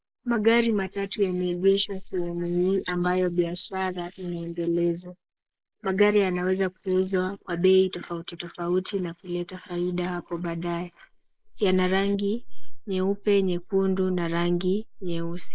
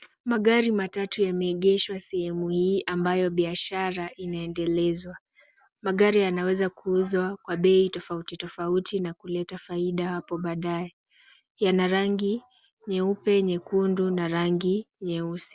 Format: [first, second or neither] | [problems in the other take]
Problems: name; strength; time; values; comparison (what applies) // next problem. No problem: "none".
second | noise reduction (neural mask model Resemble Enhance denoiser)